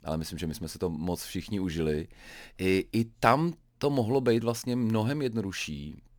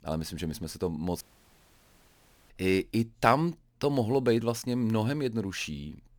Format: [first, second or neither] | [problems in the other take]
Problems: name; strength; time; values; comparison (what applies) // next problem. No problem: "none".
first | audio cutting out; at 1 s for 1.5 s